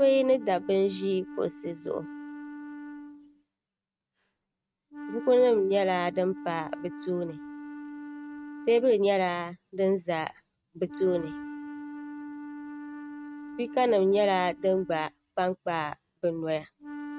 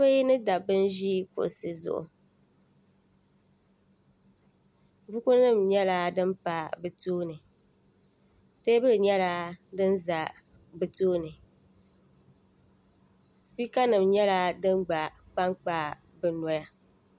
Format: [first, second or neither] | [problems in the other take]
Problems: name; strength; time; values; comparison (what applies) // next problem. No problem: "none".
second | noise reduction (neural mask model RNNoise)